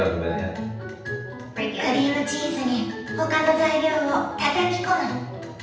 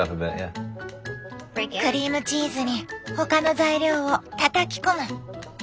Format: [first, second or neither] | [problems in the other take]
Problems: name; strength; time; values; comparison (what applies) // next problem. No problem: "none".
second | room echo; dies away in 0.8 s